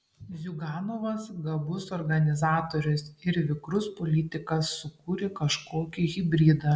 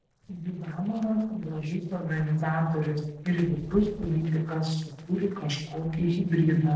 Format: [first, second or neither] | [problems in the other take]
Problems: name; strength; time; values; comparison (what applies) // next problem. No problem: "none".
first | noise reduction (neural separator model SepFormer DNS4)